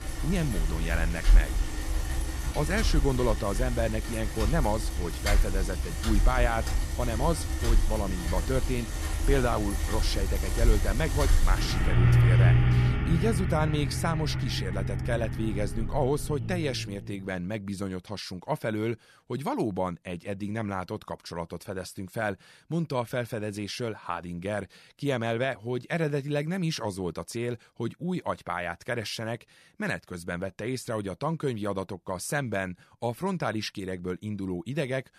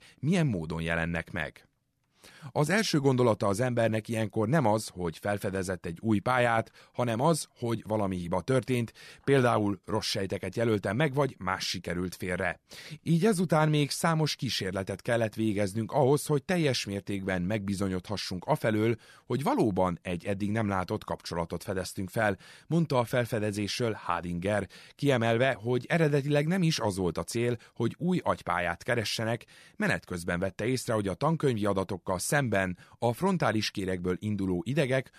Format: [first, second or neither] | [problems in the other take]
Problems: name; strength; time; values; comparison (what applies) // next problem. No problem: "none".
second | traffic noise; very loud; until 17 s; 3 dB above the speech